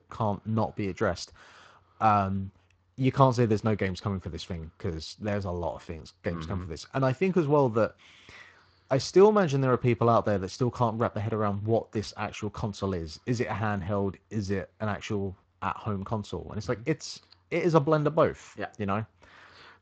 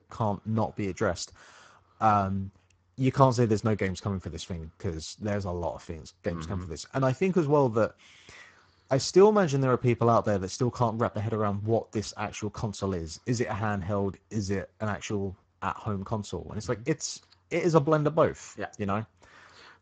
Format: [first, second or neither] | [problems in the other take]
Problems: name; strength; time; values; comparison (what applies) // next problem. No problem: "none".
first | garbled, watery; badly; nothing above 7.5 kHz; slightly in the first